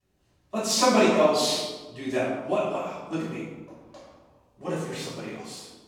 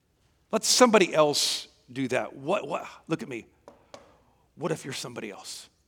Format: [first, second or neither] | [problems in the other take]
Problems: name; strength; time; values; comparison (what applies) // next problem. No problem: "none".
second | room echo; strong; dies away in 1 s // off-mic speech; far